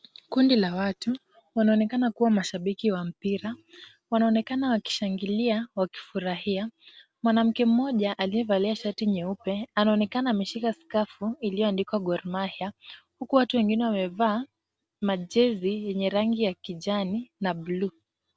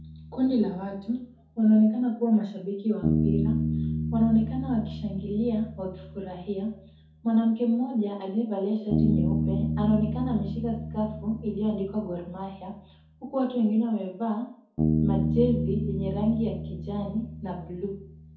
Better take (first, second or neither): first